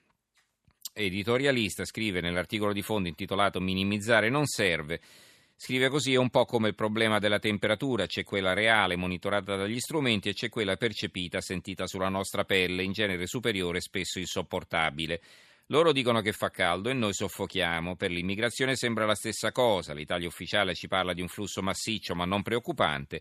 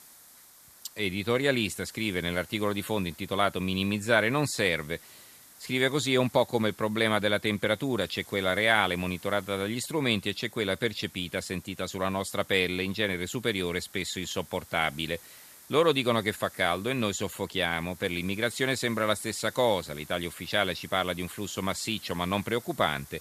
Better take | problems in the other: first | hiss; faint; throughout; 20 dB below the speech

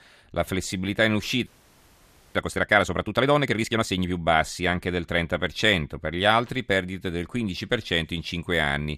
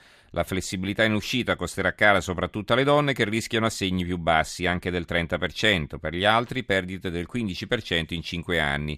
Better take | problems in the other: second | audio freezing; at 1.5 s for 1 s

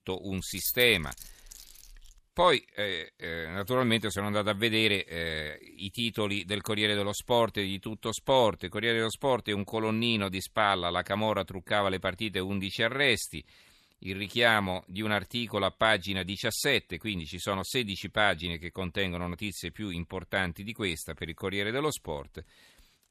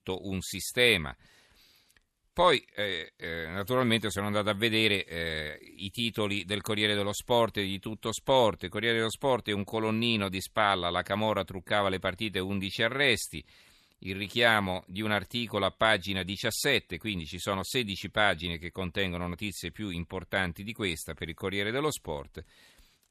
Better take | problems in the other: second | jangling keys; noticeable; until 2 s; peak 4 dB below the speech

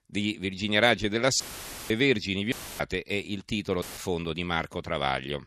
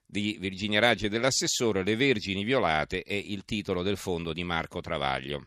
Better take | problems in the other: second | audio cutting out; filled with static; at 1.5 s for 0.5 s, at 2.5 s and at 4 s

